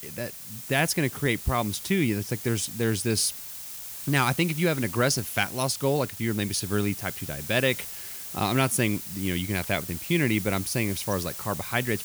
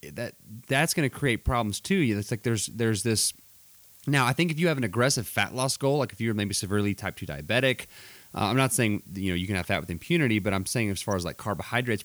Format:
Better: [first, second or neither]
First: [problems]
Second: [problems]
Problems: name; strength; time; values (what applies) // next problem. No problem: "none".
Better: second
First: hiss; loud; throughout; 9 dB below the speech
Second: hiss; faint; throughout; 25 dB below the speech